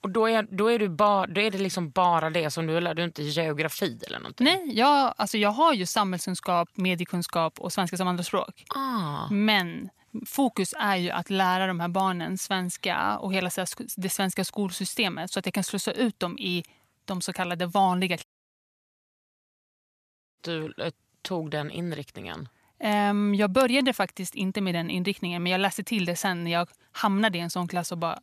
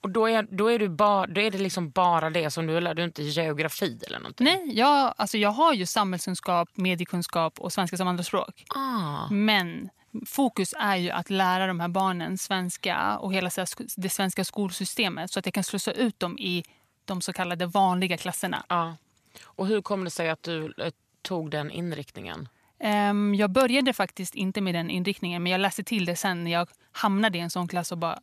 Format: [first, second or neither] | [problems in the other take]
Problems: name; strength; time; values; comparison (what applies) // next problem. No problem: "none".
second | audio cutting out; at 18 s for 2 s